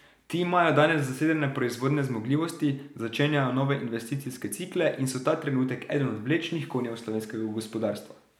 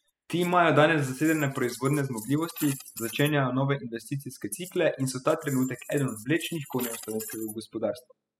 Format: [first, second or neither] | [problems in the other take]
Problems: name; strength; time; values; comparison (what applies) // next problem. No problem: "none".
first | noise reduction (classical method spectral subtraction)